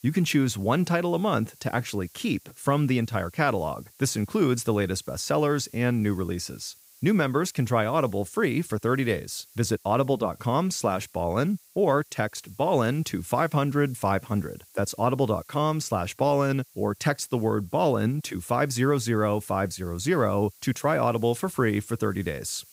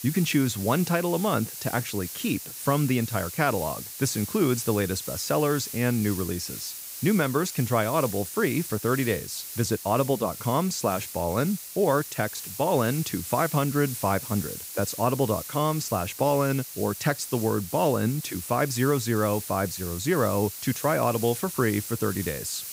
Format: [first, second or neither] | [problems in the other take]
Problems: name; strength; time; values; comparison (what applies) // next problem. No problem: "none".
first | hiss; loud; throughout; 9 dB below the speech; faint in the first